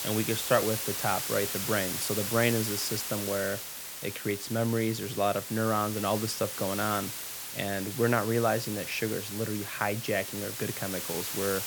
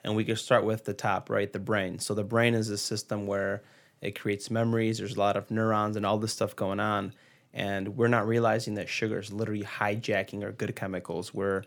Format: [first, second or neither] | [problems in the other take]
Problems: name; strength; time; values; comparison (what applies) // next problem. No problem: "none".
second | hiss; loud; throughout; 3 dB below the speech